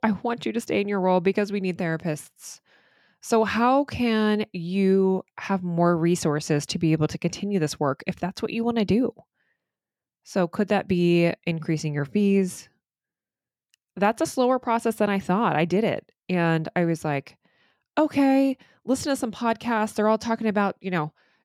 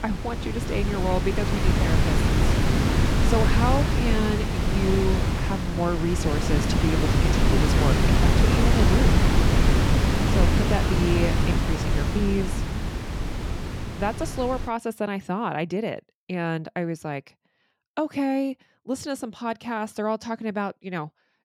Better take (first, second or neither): first